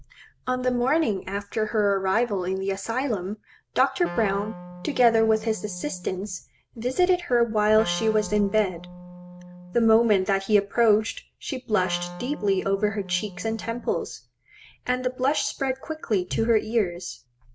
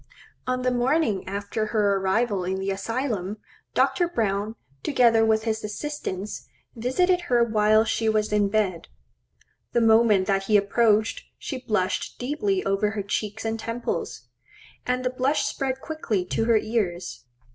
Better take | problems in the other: second | background sound (Wind instrument, woodwind instrument); 15 dB below the speech

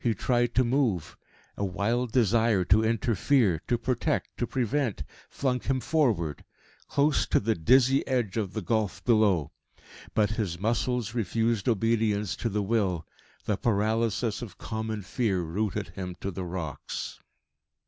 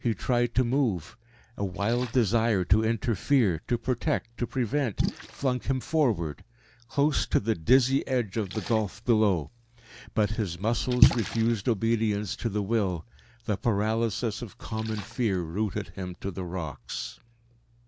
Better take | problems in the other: first | background sound (Splash, splatter); 10 dB below the speech

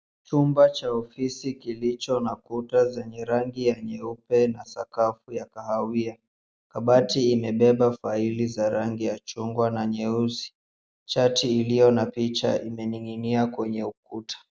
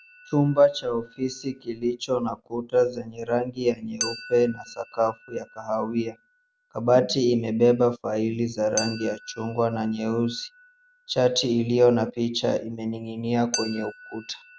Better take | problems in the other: first | background sound (Chink, clink); 17 dB below the speech

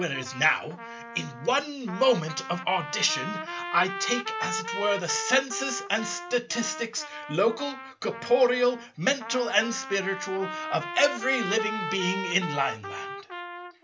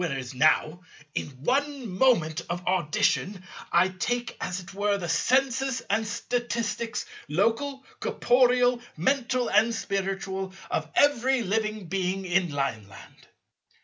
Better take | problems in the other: second | background sound (Trumpet); 9 dB below the speech

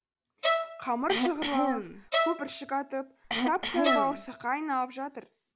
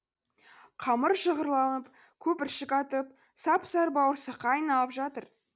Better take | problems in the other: second | background sound (Cough + Bowed string instrument); 1 dB above the speech

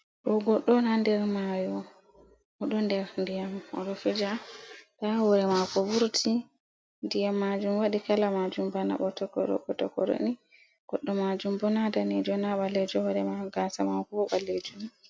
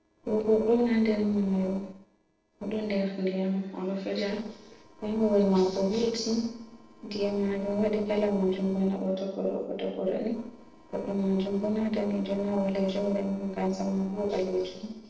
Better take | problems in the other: first | noise reduction (neural separator model SepFormer DNS4)

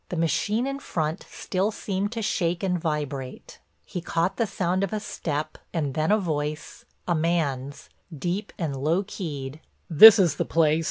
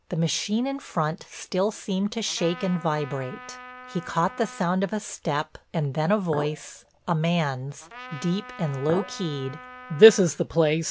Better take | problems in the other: first | background sound (Trumpet + Chink, clink); 16 dB below the speech

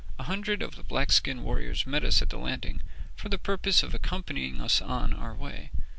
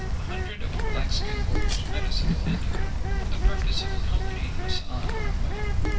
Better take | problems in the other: first | background sound (Bird); 4 dB above the speech // room echo; dies away in 2.5 s

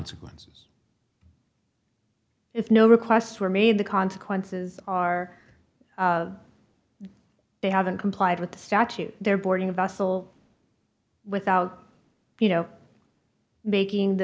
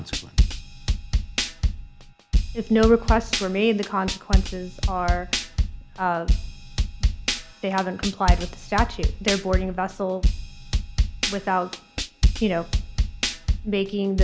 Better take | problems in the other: first | background sound (Drum / Drum kit); 2 dB above the speech

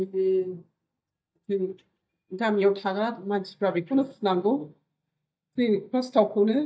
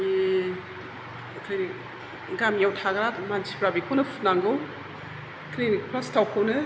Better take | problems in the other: second | noise reduction (neural mask model DeepFilterNet 3)

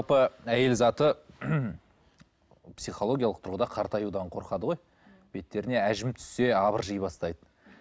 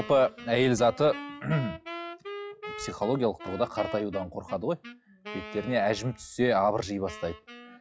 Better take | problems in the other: first | noise reduction (classical method log-MMSE)

